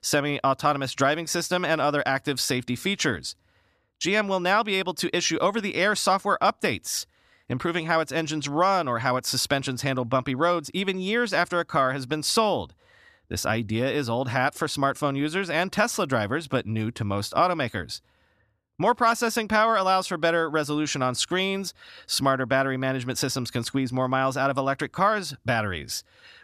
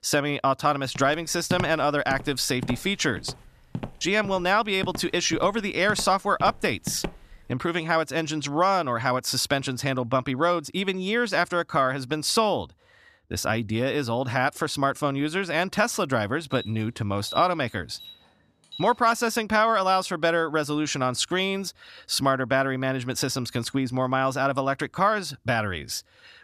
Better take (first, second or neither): first